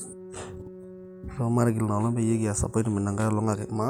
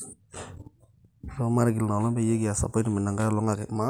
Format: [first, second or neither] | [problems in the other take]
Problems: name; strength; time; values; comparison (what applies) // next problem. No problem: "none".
second | background sound (Organ); 17 dB below the speech